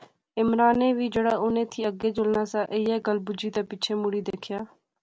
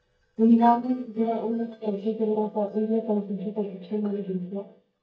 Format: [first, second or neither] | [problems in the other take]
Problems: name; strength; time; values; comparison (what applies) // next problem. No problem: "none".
first | noise reduction (neural mask model DeepFilterNet 3)